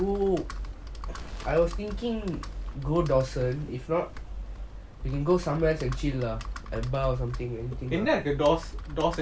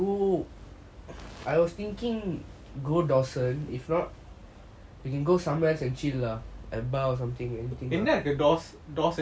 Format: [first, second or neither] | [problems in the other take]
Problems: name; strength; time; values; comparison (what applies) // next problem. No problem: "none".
second | background sound (Computer keyboard); 8 dB below the speech